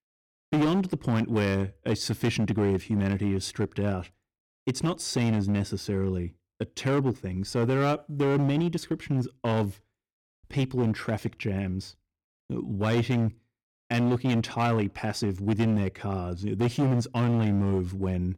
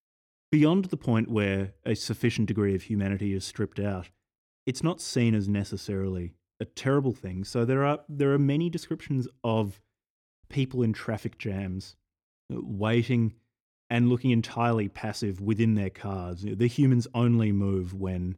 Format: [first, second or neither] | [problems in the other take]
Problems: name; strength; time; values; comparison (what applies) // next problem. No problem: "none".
second | distortion; slight; 11% of the sound clipped